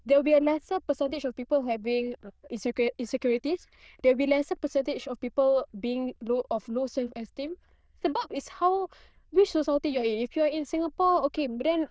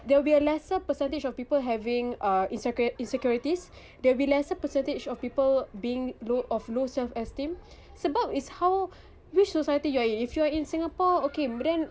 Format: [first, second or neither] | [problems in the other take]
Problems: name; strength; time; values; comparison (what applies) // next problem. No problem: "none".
second | noise reduction (neural diffusion model UNIVERSE++)